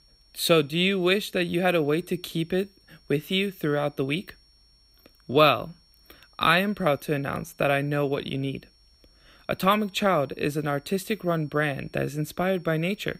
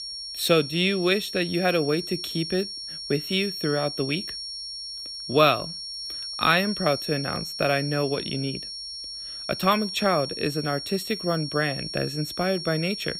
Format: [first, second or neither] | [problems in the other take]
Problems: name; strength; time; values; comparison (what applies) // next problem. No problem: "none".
first | high-pitched whine; loud; throughout; 5.5 kHz, 7 dB below the speech; faint in the first